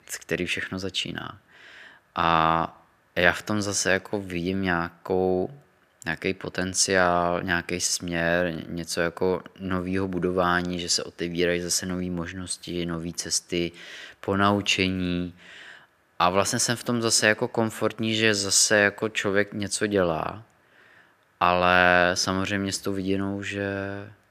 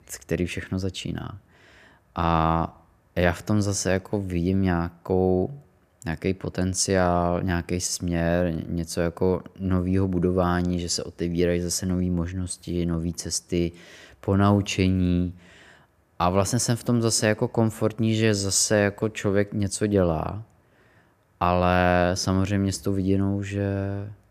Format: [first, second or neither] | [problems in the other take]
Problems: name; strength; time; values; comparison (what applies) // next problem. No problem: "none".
second | thin; very slightly; fading below 300 Hz